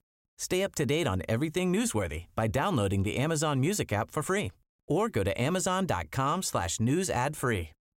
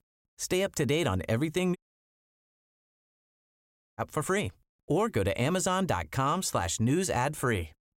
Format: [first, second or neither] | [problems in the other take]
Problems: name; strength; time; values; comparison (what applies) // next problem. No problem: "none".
first | audio cutting out; at 2 s for 2 s